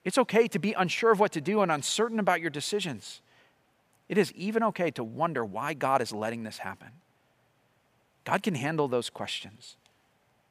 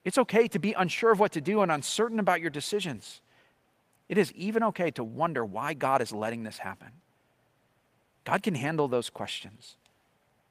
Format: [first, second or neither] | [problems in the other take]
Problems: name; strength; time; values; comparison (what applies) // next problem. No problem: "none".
first | garbled, watery; slightly; nothing above 15 kHz